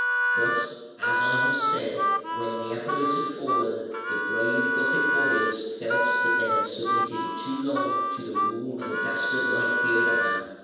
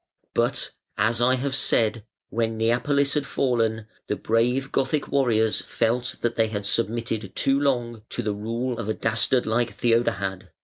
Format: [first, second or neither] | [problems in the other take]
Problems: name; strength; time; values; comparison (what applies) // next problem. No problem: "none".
second | background sound (Harmonica); 4 dB above the speech // room echo; dies away in 1.2 s